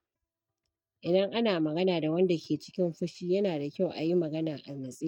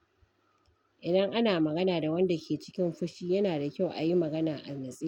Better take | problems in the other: second | noise reduction (neural mask model DeepFilterNet 3)

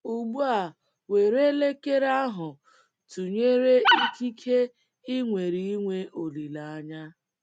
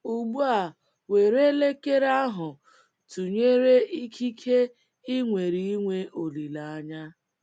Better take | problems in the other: second | noise reduction (neural mask model RNNoise)

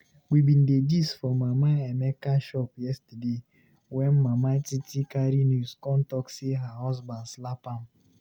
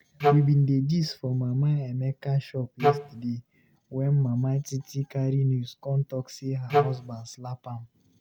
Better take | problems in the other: first | background sound (Wind instrument, woodwind instrument); 2 dB above the speech

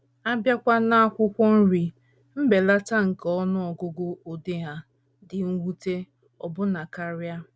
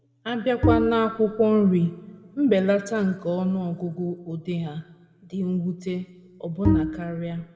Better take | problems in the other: first | background sound (Bowed string instrument); as loud as the speech // room echo; dies away in 1.3 s

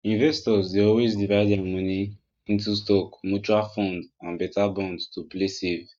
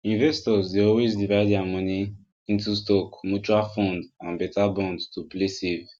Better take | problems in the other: second | noise reduction (neural mask model DeepFilterNet 3)

